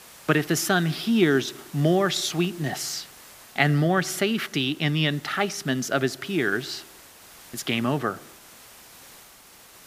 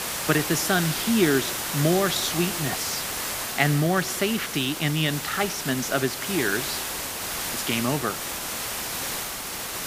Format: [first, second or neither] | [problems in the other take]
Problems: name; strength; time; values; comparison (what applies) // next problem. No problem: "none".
first | hiss; loud; throughout; 3 dB below the speech; faint in the first